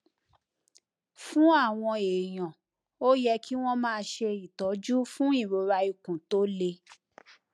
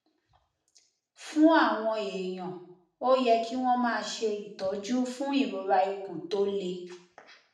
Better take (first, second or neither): first